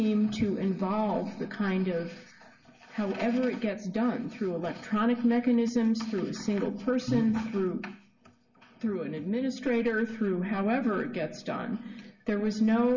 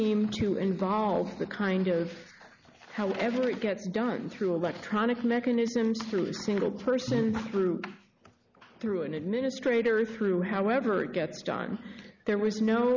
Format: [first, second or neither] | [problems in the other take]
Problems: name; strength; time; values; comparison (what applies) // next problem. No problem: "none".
second | room echo; dies away in 0.2 s